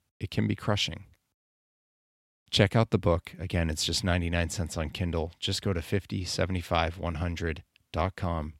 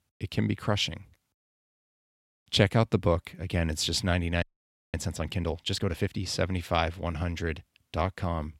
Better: first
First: none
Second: audio freezing; at 4.5 s for 0.5 s

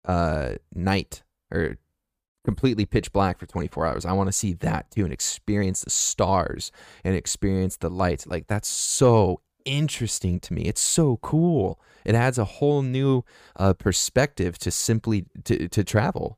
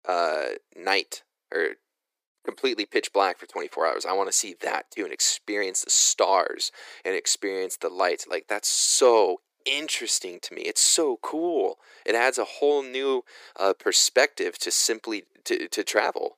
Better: first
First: none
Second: thin; very; fading below 350 Hz

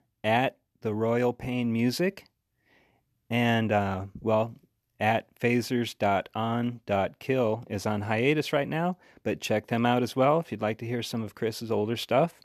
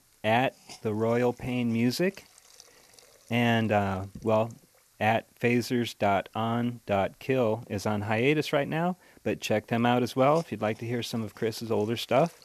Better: first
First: none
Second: hiss; faint; throughout; 25 dB below the speech

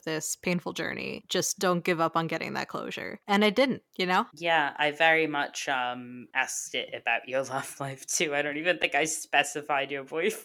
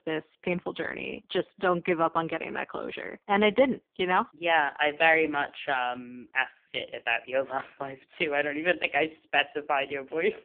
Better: first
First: none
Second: phone-call audio; poor line

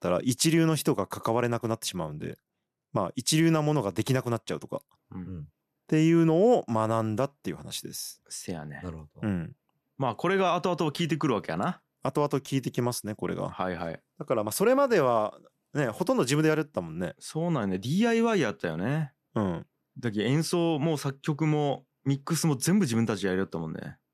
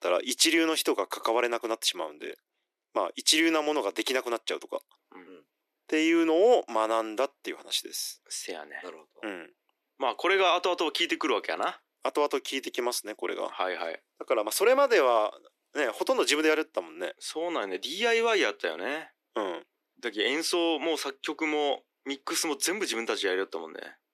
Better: first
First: none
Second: thin; very; fading below 300 Hz

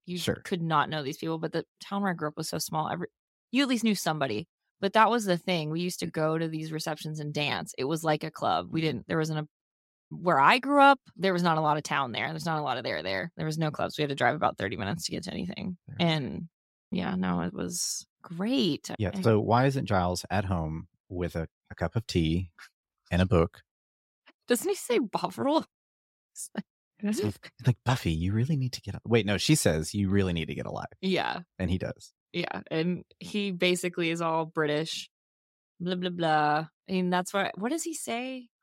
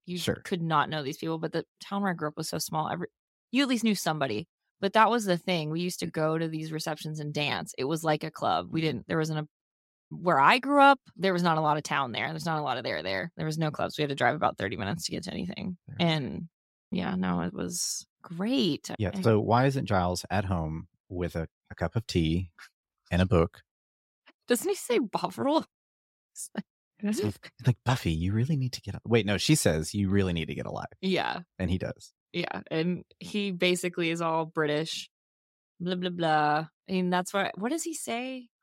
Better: neither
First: none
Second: none

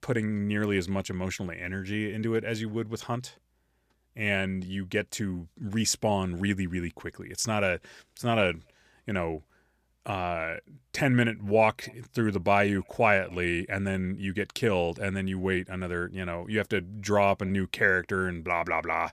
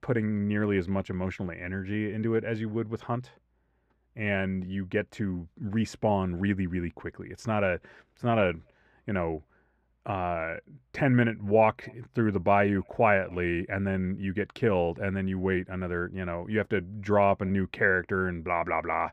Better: first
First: none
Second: muffled; very; fading above 3.5 kHz

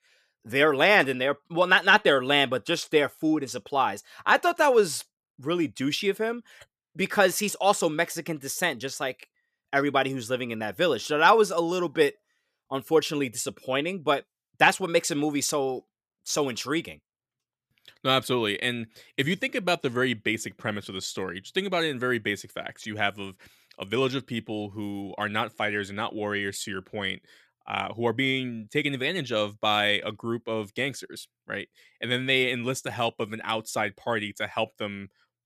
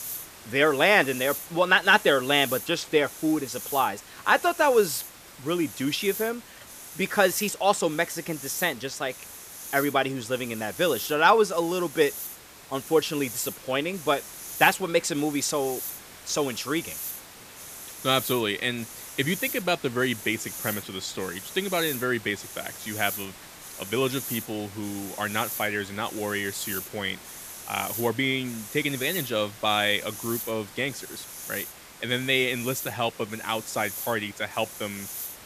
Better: first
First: none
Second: hiss; noticeable; throughout; 10 dB below the speech

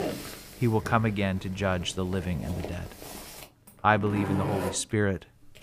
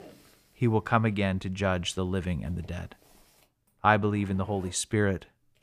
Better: second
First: household noises; loud; throughout; 10 dB below the speech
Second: household noises; faint; throughout; 25 dB below the speech

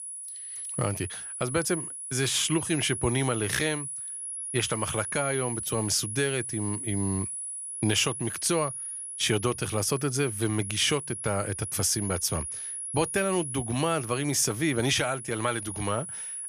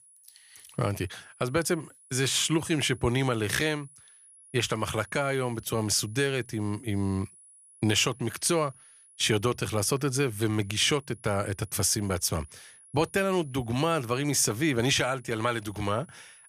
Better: second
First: high-pitched whine; loud; throughout; 10.5 kHz, 6 dB below the speech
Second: high-pitched whine; faint; throughout; 10.5 kHz, 25 dB below the speech

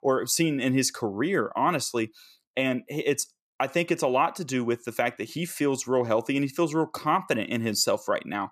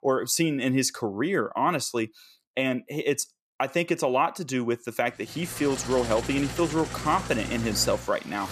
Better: first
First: none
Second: traffic noise; loud; from 5.5 s on; 9 dB below the speech

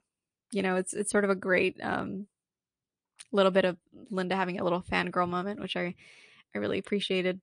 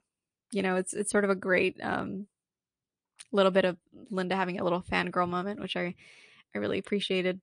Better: neither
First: garbled, watery; slightly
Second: garbled, watery; slightly

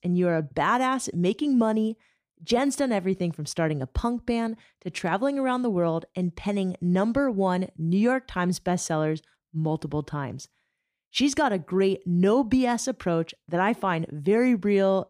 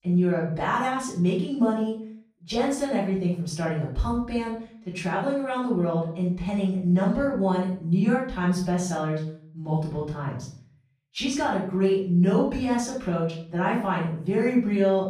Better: first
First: none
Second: off-mic speech; far // room echo; noticeable; dies away in 0.4 s

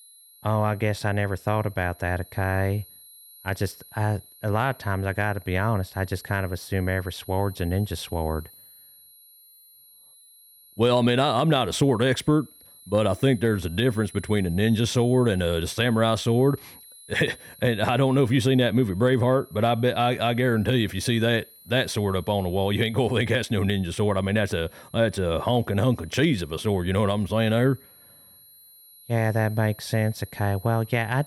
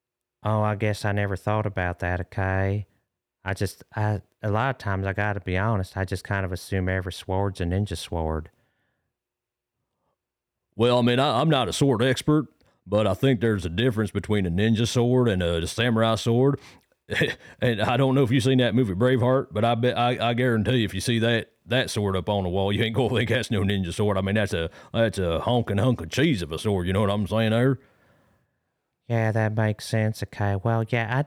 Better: second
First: high-pitched whine; faint; throughout; 11.5 kHz, 25 dB below the speech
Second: none

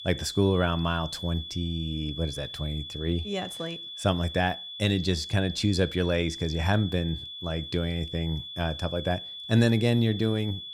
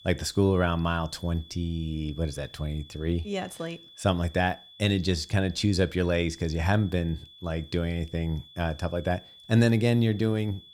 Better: second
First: high-pitched whine; loud; throughout; 3.5 kHz, 9 dB below the speech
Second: high-pitched whine; faint; throughout; 3.5 kHz, 20 dB below the speech

